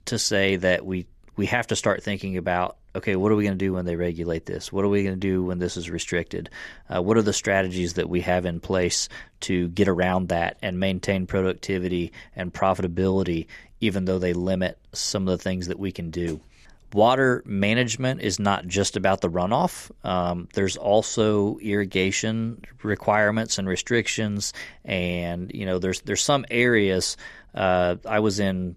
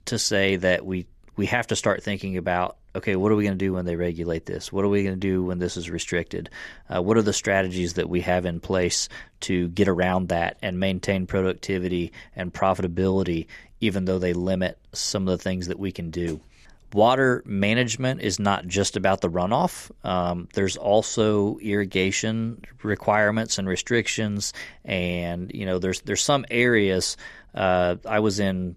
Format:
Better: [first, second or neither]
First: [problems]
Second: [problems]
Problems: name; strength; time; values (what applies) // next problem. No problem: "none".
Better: neither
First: none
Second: none